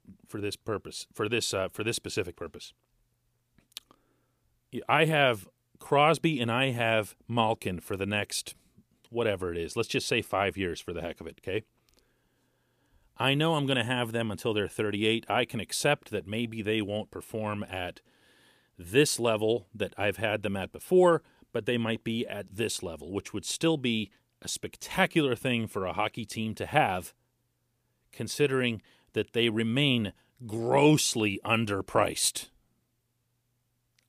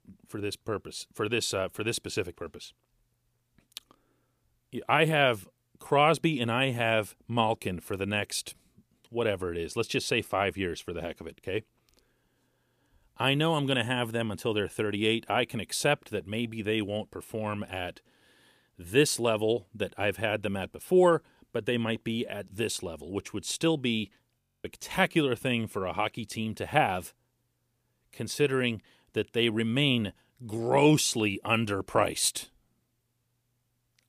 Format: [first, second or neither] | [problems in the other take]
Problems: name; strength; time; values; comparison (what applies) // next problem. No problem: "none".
first | audio freezing; at 24 s